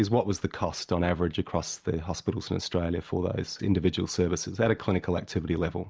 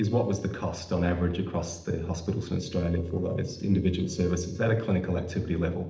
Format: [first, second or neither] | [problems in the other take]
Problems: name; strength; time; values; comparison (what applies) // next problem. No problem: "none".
first | noise reduction (neural separator model SepFormer DNS4)